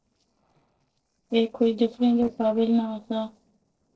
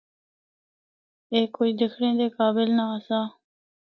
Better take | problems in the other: second | noise reduction (neural separator model SepFormer DNS4)

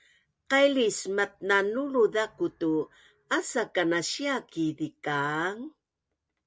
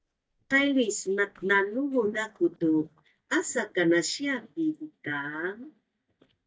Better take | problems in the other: first | noise reduction (neural mask model DeepFilterNet 3)

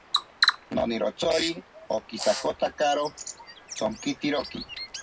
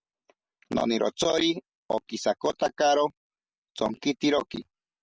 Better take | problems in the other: second | background sound (Bird vocalization, bird call, bird song); 4 dB below the speech // room echo; dies away in 0.3 s

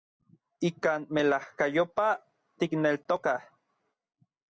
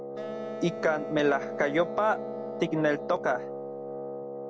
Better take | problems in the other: first | background sound (Wind instrument, woodwind instrument + Wind instrument, woodwind instrument); 6 dB below the speech

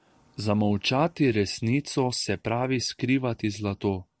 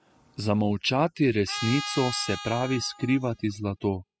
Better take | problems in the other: first | noise reduction (classical method spectral subtraction)

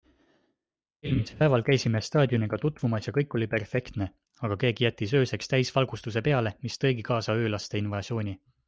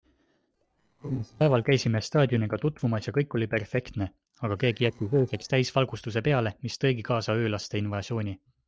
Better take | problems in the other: first | noise reduction (neural separator model SepFormer DNS4)

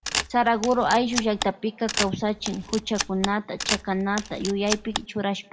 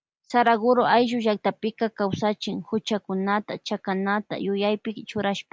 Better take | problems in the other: second | background sound (Camera); 6 dB below the speech // room echo; dies away in 1.3 s

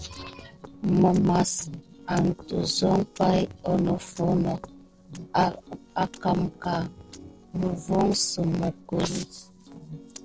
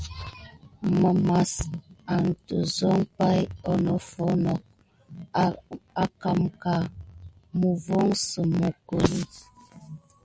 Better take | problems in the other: second | noise reduction (neural separator model SepFormer DNS4)

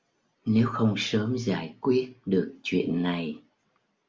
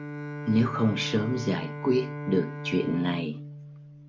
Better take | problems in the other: first | background sound (Bowed string instrument); 8 dB below the speech

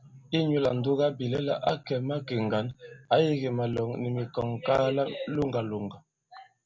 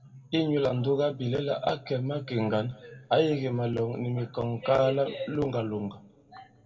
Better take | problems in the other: first | room echo; dies away in 1.9 s

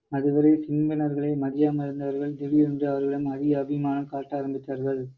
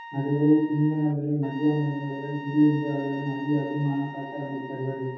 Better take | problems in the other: first | background sound (Trumpet); 15 dB below the speech // room echo; dies away in 0.9 s

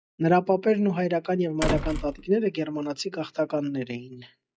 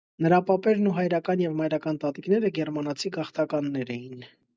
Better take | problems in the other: second | noise reduction (classical method log-MMSE)

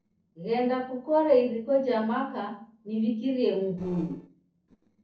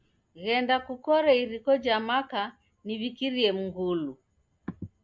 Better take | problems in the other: second | noise reduction (neural separator model SepFormer DNS4)

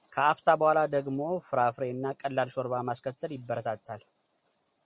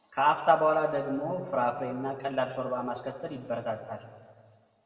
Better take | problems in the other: first | room echo; dies away in 1.6 s

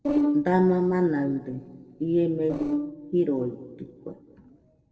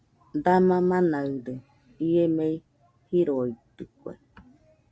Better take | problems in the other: second | noise reduction (neural separator model SepFormer DNS4)

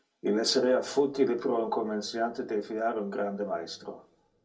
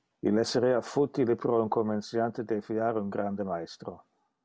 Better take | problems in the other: second | room echo; dies away in 0.2 s

